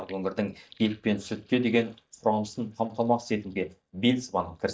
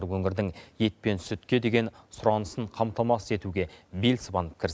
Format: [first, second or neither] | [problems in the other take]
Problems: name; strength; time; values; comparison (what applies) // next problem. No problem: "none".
second | noise reduction (neural mask model DeepFilterNet 3)